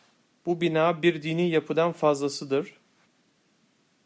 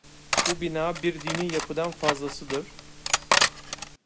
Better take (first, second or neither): first